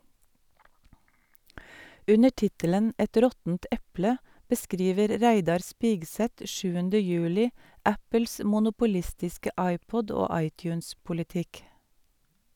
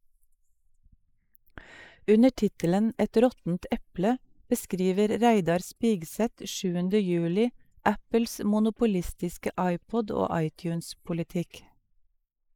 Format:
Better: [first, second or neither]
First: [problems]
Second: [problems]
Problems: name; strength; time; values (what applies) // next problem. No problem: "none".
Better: first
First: none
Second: noise reduction (neural mask model Resemble Enhance denoiser)